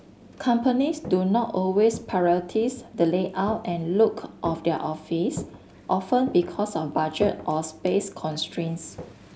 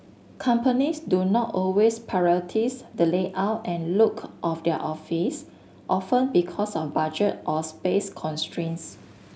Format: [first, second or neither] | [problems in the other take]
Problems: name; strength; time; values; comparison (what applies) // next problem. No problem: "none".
second | background sound (Walk, footsteps); 17 dB below the speech